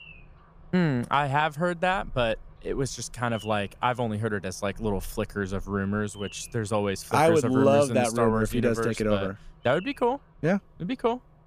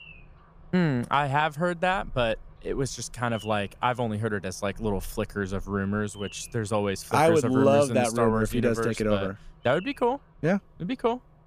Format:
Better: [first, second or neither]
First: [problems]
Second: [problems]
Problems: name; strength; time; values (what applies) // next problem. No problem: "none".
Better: neither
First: animal sounds; faint; throughout; 25 dB below the speech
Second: animal sounds; faint; throughout; 25 dB below the speech